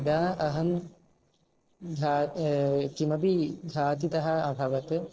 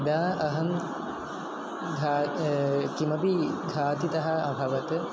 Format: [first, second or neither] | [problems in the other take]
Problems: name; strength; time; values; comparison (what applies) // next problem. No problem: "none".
second | noise reduction (neural separator model SepFormer DNS4)